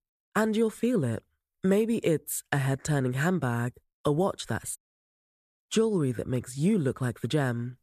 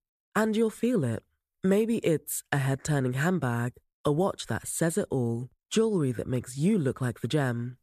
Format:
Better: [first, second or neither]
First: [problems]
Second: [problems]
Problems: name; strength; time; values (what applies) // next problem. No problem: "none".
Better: second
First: audio cutting out; at 5 s for 1 s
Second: none